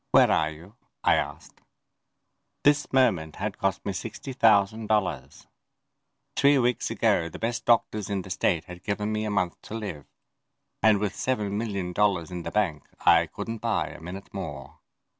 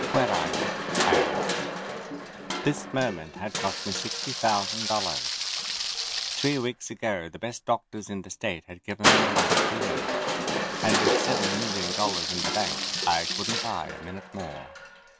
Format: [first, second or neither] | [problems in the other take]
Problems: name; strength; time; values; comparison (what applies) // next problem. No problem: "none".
first | background sound (Rain + Crushing); 3 dB above the speech